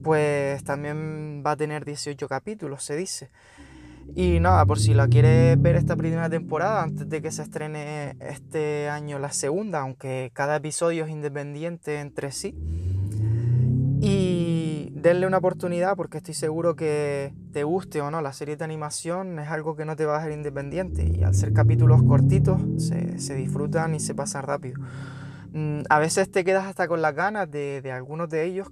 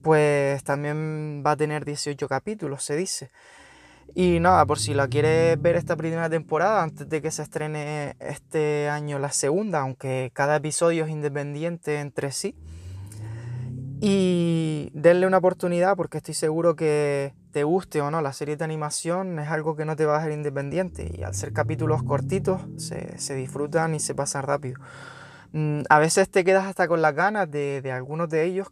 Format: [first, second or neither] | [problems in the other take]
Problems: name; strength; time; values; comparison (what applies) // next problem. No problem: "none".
second | low rumble; loud; throughout; 8 dB below the speech; faint in the second